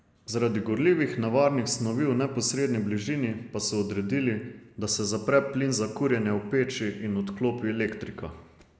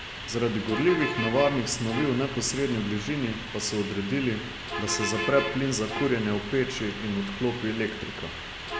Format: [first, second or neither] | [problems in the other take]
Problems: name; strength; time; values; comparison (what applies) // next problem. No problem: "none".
first | background sound (Bus); 7 dB below the speech